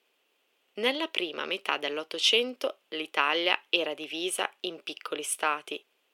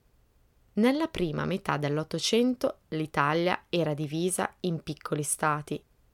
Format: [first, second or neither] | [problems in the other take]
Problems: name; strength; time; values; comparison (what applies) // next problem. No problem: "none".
second | thin; somewhat; fading below 350 Hz